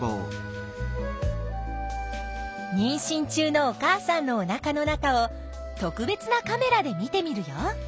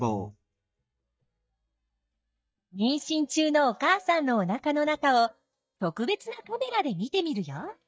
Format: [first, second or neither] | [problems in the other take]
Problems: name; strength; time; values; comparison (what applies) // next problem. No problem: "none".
first | noise reduction (neural mask model DeepFilterNet 3)